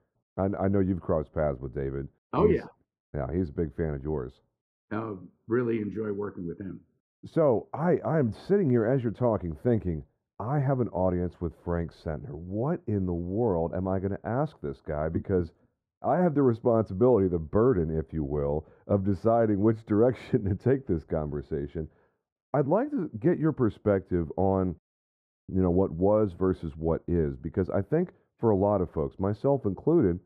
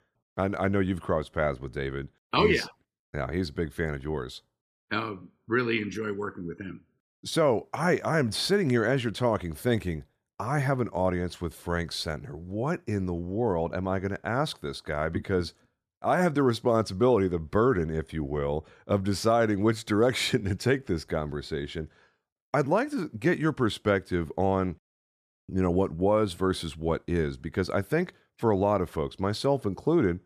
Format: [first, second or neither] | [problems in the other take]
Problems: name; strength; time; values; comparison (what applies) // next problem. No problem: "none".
second | muffled; very; fading above 2 kHz